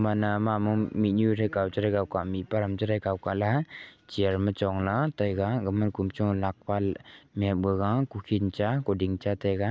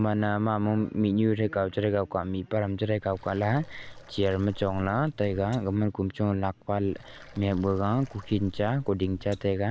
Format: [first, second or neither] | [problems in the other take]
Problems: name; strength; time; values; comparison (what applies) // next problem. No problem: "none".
first | background sound (Water); 18 dB below the speech